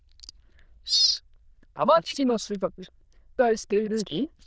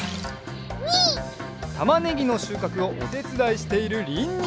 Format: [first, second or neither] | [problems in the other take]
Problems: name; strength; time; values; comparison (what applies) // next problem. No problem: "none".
second | noise reduction (neural diffusion model UNIVERSE++)